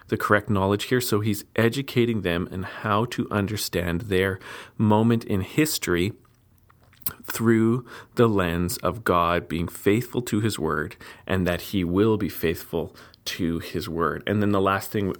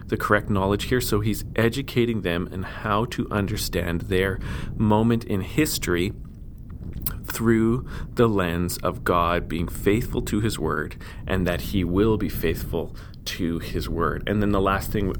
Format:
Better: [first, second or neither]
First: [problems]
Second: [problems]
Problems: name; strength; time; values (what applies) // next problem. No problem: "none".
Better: first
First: none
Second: wind noise on the microphone; occasional gusts; 20 dB below the speech